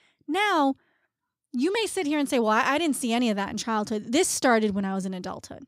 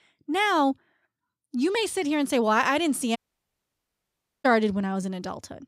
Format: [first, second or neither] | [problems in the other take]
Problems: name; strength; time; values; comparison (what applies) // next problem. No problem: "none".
first | audio cutting out; at 3 s for 1.5 s